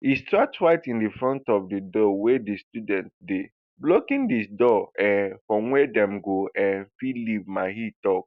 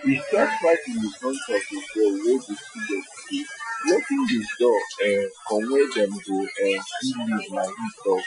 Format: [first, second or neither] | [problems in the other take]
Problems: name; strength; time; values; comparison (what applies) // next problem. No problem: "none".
first | noise reduction (classical method Wiener filter)